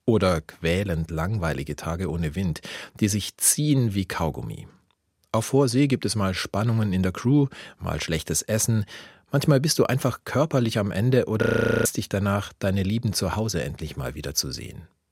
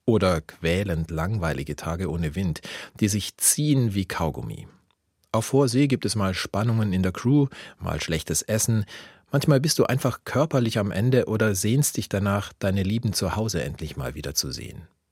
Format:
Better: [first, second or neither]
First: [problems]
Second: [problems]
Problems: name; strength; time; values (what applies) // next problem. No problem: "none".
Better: second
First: audio freezing; at 11 s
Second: none